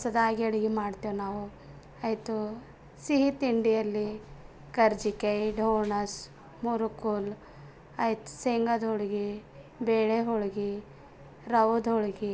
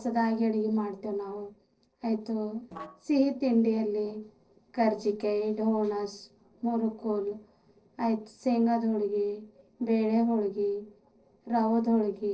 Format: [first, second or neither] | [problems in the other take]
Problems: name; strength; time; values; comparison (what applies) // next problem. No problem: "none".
first | noise reduction (neural separator model SepFormer DNS4)